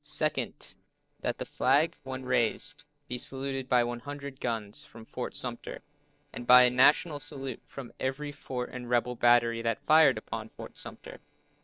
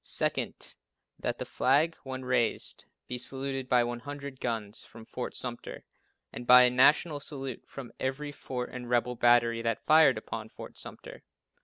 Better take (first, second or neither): second